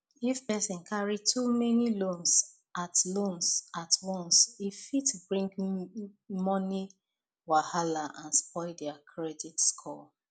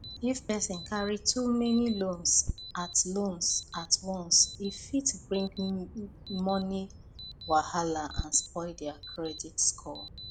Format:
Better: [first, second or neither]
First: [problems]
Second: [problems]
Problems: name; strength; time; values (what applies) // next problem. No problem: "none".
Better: first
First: none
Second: background sound (Alarm + Bird vocalization, bird call, bird song); 13 dB below the speech